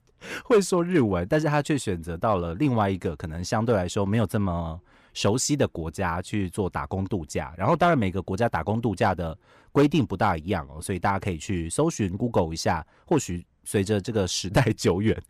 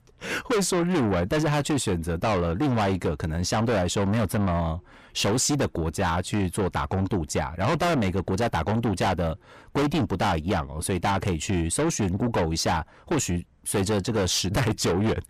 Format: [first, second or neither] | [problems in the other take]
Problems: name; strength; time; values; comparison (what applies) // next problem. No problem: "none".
first | distortion; heavy; 6 dB below the speech